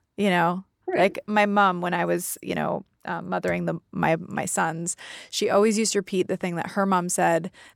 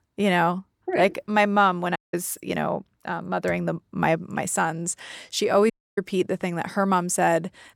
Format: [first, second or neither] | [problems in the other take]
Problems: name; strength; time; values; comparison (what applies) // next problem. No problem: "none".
first | audio cutting out; at 2 s and at 5.5 s